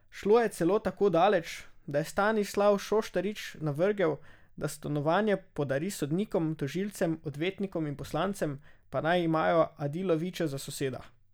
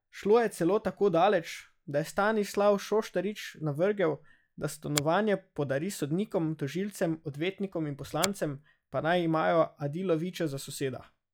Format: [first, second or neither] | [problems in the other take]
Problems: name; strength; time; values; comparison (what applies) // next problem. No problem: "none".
first | noise reduction (classical method log-MMSE)